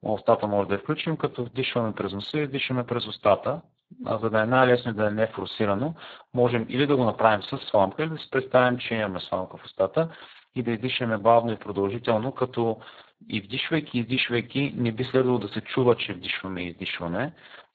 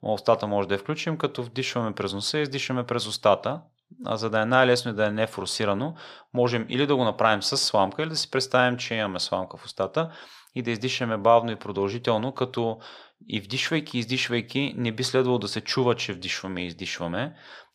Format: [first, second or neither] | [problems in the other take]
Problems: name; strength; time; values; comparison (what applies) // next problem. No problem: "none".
second | garbled, watery; badly; nothing above 4 kHz